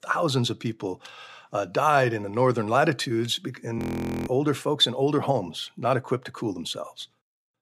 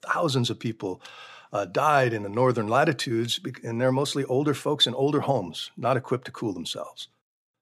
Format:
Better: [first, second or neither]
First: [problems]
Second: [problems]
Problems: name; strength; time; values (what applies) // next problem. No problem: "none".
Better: second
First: audio freezing; at 4 s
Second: none